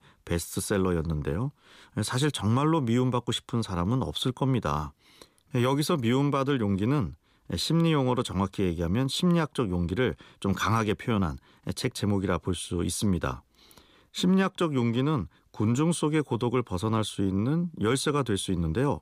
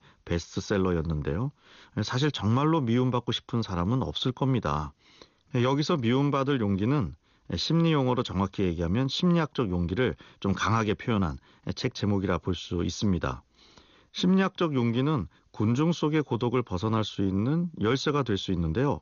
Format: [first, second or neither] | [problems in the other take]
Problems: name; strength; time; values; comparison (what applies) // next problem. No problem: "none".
first | garbled, watery; slightly; nothing above 6.5 kHz